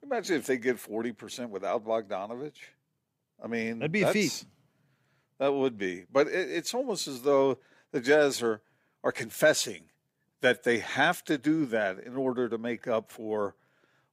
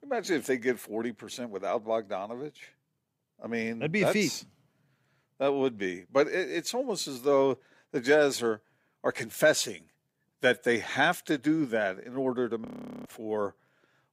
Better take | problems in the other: first | audio freezing; at 13 s

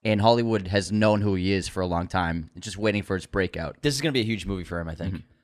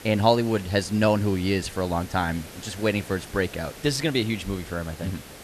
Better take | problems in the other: first | hiss; noticeable; throughout; 15 dB below the speech

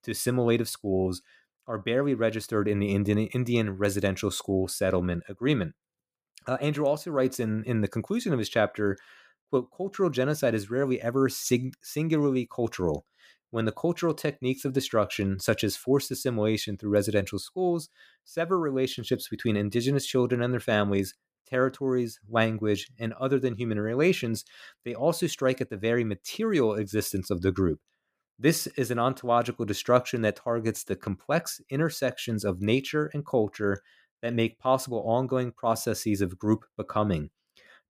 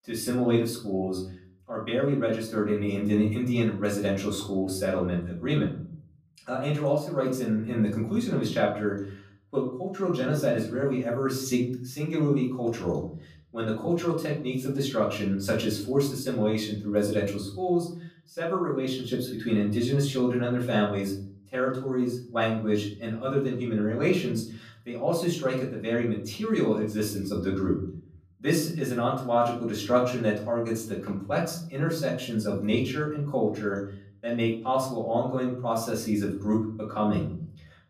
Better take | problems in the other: first | off-mic speech; far // room echo; slight; dies away in 0.6 s

